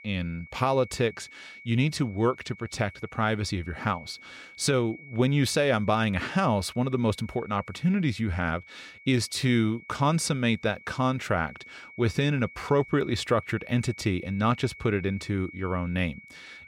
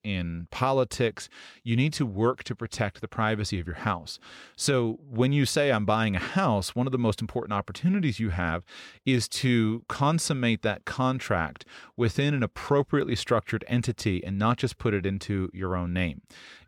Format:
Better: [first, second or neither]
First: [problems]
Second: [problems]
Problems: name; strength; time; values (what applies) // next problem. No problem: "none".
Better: second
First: high-pitched whine; noticeable; throughout; 2 kHz, 20 dB below the speech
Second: none